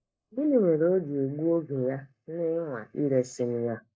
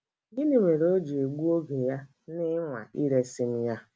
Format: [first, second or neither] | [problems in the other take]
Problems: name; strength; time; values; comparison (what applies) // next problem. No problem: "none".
second | noise reduction (neural mask model Resemble Enhance denoiser)